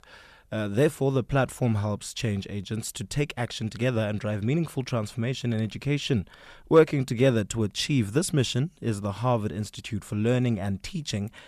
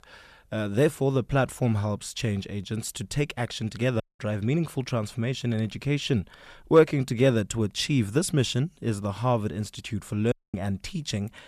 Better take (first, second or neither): first